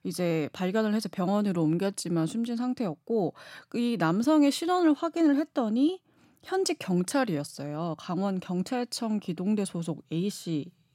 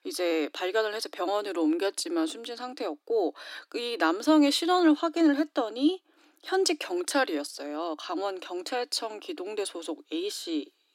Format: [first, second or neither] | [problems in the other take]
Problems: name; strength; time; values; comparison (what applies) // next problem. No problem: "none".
first | thin; very slightly; fading below 300 Hz